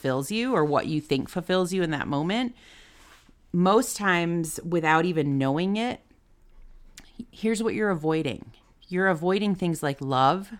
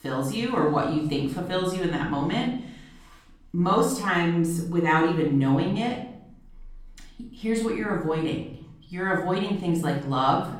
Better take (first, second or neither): first